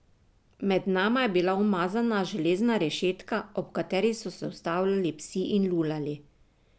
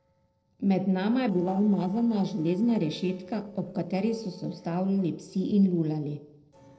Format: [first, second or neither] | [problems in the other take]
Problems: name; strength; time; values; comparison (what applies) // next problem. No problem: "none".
first | noise reduction (neural separator model SepFormer DNS4)